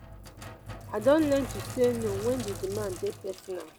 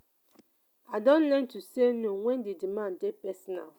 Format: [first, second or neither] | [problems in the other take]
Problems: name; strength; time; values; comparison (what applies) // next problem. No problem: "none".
second | background sound (Sink (filling or washing)); 10 dB below the speech